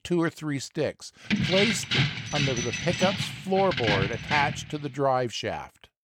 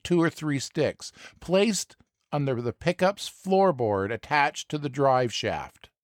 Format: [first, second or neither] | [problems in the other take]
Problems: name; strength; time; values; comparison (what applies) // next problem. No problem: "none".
second | jangling keys; loud; from 1.5 to 4.5 s; peak 4 dB above the speech